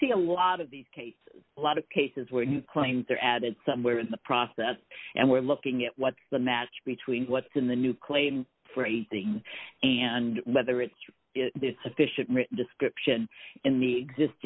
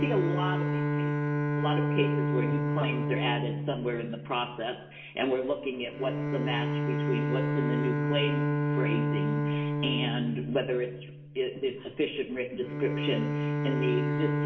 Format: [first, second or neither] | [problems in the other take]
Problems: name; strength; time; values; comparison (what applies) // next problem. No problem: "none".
first | background sound (Bowed string instrument); 2 dB above the speech // room echo; dies away in 0.8 s